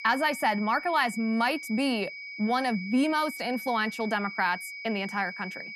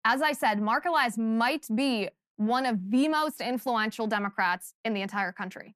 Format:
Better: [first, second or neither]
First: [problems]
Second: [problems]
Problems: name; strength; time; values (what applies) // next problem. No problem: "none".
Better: second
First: high-pitched whine; noticeable; throughout; 2.5 kHz, 10 dB below the speech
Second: none